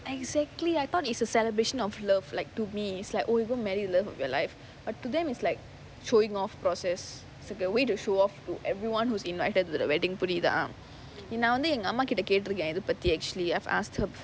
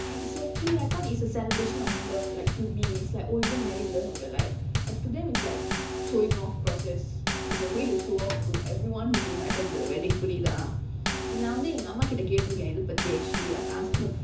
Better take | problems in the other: first | background sound (Bass drum / Snare drum / Drum kit); 2 dB above the speech // room echo; dies away in 0.6 s

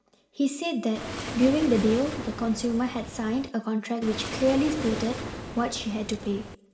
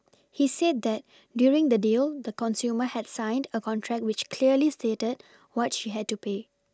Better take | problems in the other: second | background sound (Waves, surf); 8 dB below the speech // room echo; dies away in 0.7 s

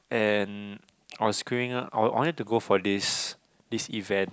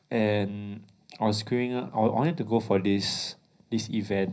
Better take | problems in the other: first | room echo; dies away in 0.5 s

